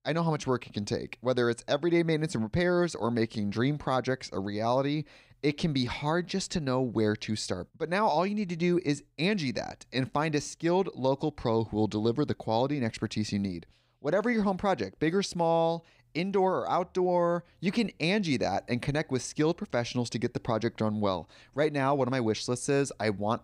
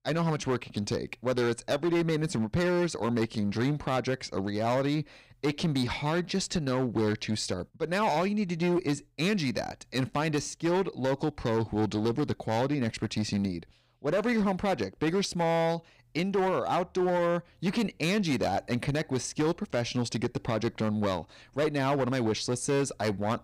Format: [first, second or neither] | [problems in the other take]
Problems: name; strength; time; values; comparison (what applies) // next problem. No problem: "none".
first | distortion; slight; 11% of the sound clipped